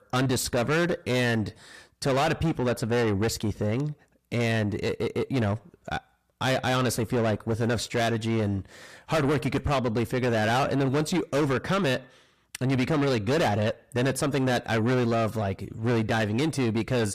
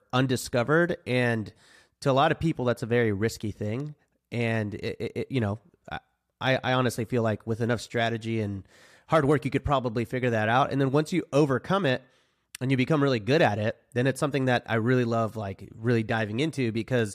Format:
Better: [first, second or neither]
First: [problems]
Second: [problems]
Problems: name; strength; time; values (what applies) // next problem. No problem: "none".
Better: second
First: distortion; heavy; 6 dB below the speech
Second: none